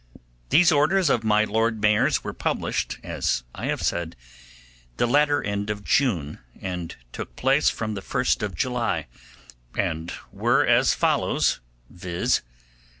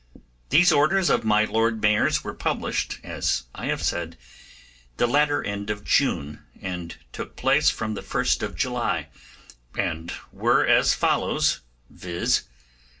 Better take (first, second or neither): first